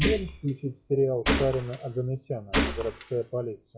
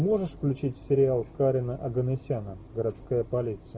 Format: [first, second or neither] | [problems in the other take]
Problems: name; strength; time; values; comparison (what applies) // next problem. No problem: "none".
second | noise reduction (classical method log-MMSE)